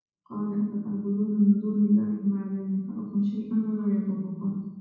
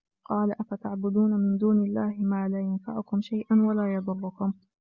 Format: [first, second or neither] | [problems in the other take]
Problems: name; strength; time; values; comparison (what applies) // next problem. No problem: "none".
second | room echo; dies away in 1.2 s